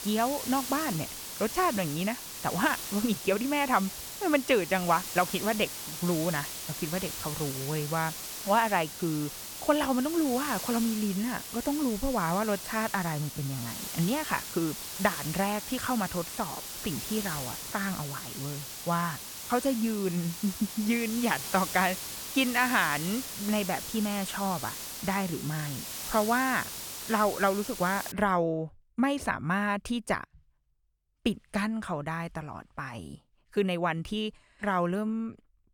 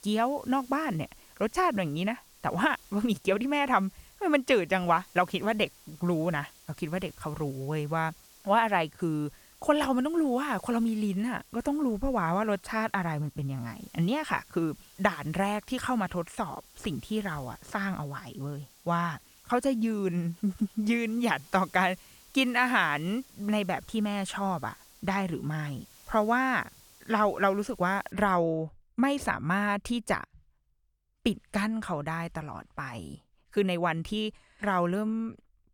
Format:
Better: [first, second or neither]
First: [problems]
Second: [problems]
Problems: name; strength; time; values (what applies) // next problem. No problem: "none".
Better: second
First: hiss; loud; until 28 s; 6 dB below the speech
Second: hiss; faint; until 28 s; 25 dB below the speech